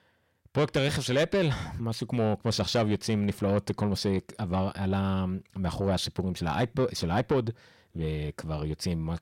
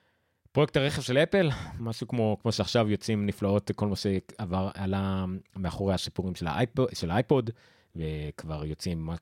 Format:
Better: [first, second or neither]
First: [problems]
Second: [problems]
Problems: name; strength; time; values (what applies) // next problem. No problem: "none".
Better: second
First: distortion; slight; 10 dB below the speech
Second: none